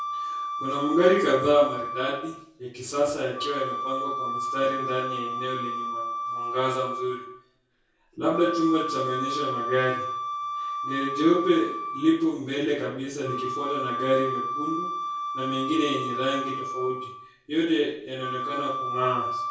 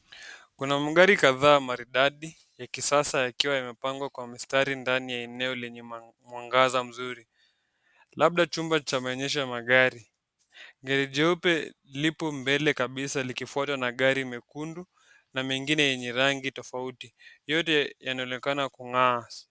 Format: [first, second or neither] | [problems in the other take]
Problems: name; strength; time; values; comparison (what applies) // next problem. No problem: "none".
second | background sound (Wind instrument, woodwind instrument); 4 dB below the speech // room echo; dies away in 0.6 s